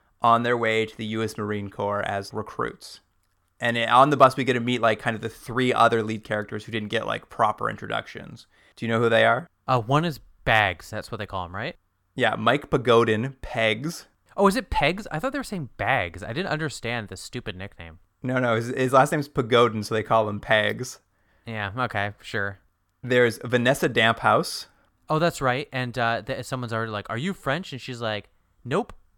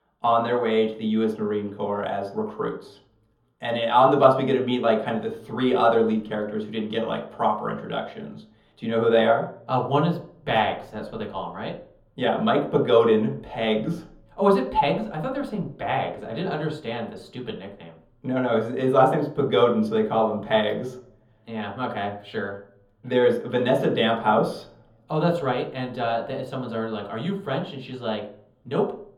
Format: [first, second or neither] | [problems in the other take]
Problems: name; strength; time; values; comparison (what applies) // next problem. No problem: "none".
first | room echo; slight; dies away in 0.7 s // off-mic speech; far